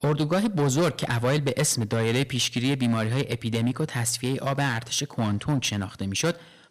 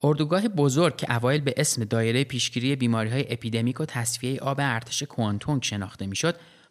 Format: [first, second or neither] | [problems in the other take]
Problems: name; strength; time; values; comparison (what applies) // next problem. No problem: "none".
second | distortion; slight; 10% of the sound clipped